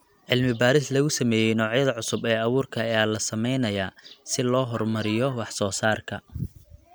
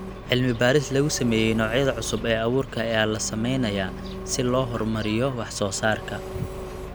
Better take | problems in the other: first | background sound (Engine); 11 dB below the speech

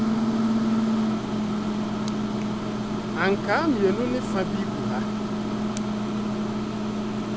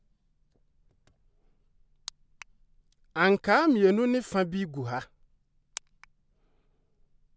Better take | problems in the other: second | background sound (Microwave oven); 5 dB above the speech

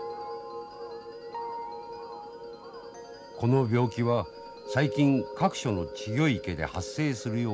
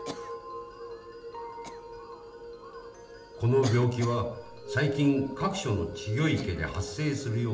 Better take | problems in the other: first | background sound (Cough); 18 dB below the speech // room echo; dies away in 0.6 s

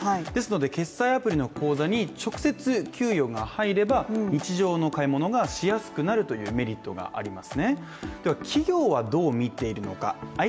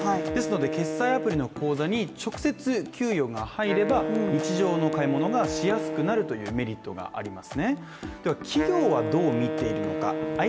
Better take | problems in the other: first | background sound (Wind instrument, woodwind instrument); 5 dB below the speech

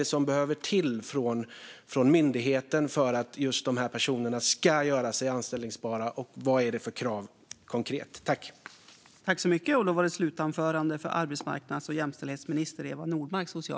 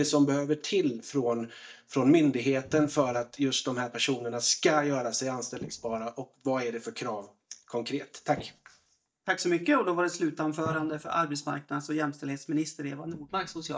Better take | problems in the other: first | noise reduction (neural mask model DeepFilterNet 3)

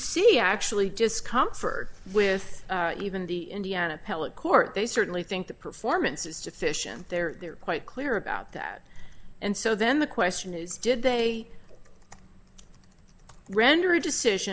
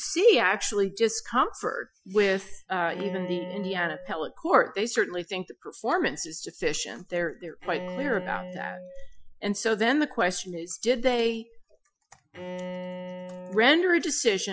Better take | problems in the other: first | noise reduction (classical method Wiener filter)

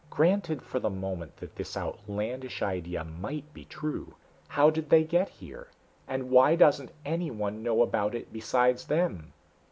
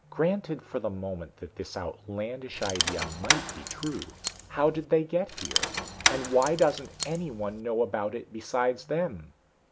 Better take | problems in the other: first | background sound (Rattle / Keys jangling); 1 dB below the speech

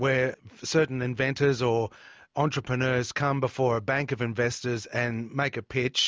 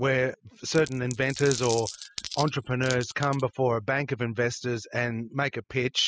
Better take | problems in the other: first | noise reduction (classical method spectral subtraction)

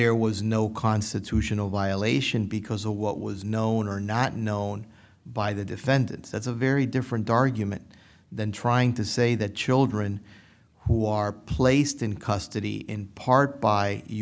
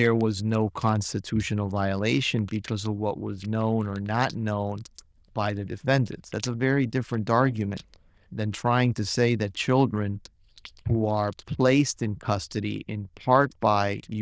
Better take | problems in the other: first | noise reduction (neural diffusion model UNIVERSE++)

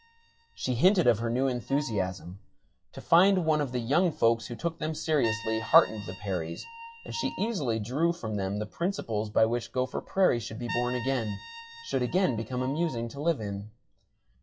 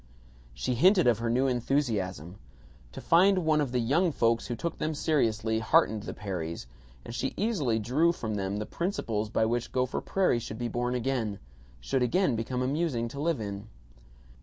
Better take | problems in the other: second | noise reduction (classical method WPE with log-MMSE)

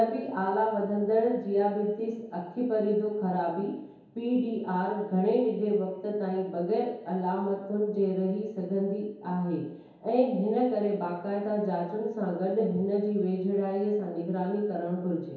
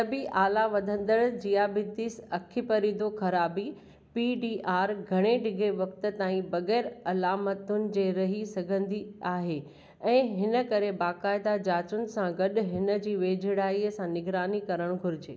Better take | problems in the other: second | room echo; dies away in 2.2 s

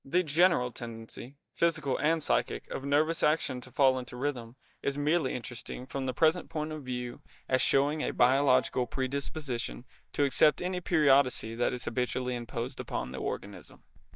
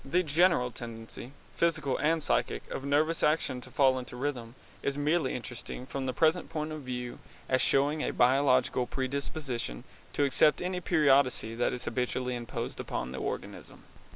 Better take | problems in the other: second | noise reduction (neural mask model DeepFilterNet 3)

